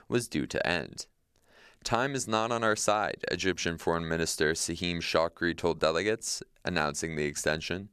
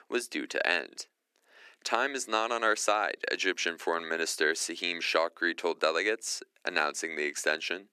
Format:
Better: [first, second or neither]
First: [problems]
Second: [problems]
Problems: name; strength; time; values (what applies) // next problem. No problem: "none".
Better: first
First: none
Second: thin; somewhat; fading below 300 Hz